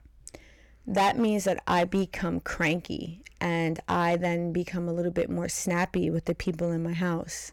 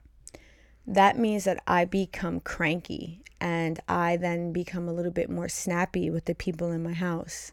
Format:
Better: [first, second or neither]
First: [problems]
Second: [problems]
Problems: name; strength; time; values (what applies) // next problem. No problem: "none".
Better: second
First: distortion; slight; 4% of the sound clipped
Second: none